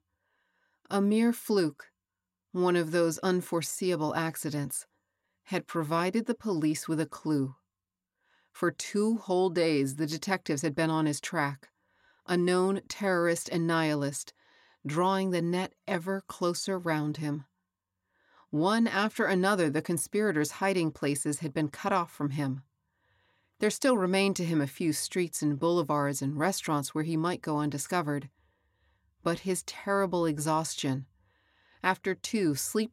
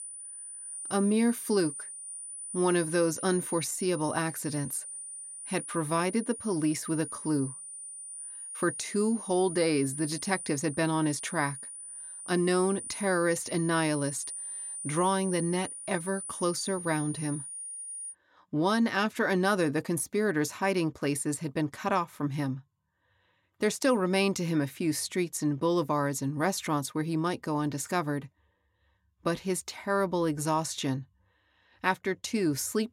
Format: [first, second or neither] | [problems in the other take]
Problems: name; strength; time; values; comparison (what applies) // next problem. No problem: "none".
first | high-pitched whine; loud; until 18 s; 9.5 kHz, 8 dB below the speech